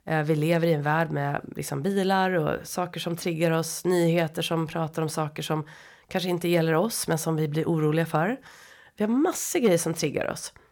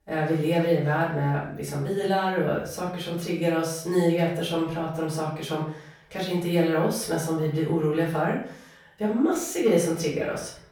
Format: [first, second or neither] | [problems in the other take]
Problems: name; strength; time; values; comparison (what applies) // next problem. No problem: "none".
first | off-mic speech; far // room echo; noticeable; dies away in 0.5 s